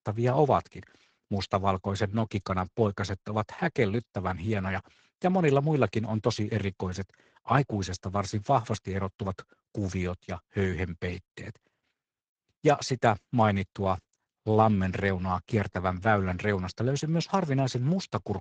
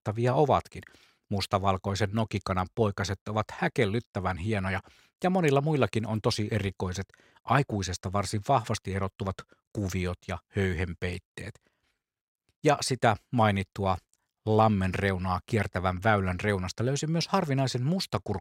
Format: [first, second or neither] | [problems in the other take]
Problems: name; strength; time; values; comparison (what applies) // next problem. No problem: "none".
second | garbled, watery; slightly